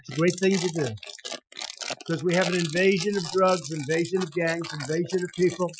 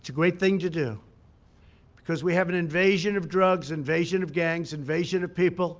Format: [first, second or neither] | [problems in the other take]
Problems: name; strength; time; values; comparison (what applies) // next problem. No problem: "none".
second | noise reduction (classical method Wiener filter)